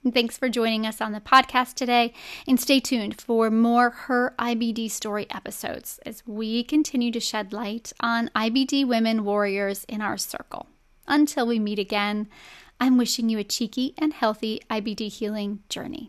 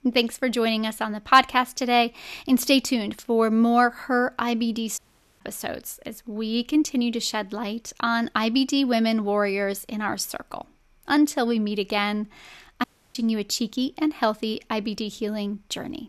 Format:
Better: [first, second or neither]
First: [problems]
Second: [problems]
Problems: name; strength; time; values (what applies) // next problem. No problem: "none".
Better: first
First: none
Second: audio cutting out; at 5 s and at 13 s